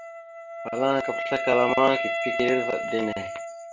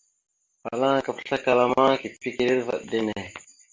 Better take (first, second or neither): second